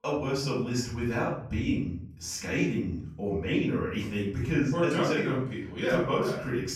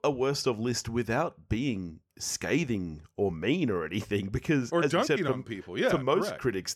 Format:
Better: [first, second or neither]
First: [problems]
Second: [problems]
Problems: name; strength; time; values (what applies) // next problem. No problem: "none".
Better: second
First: off-mic speech; far // room echo; noticeable; dies away in 0.6 s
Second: none